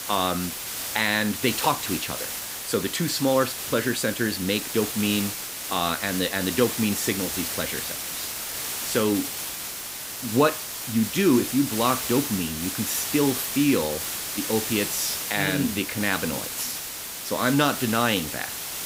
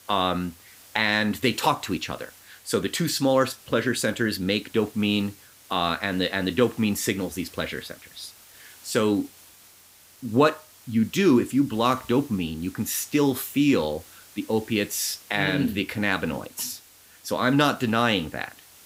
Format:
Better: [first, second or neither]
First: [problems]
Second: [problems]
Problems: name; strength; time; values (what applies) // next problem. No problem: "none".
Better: second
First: hiss; loud; throughout; 4 dB below the speech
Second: hiss; faint; throughout; 25 dB below the speech